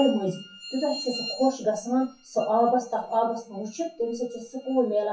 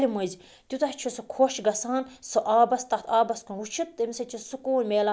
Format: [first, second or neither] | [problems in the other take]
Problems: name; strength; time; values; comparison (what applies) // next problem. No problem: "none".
second | noise reduction (classical method WPE with log-MMSE)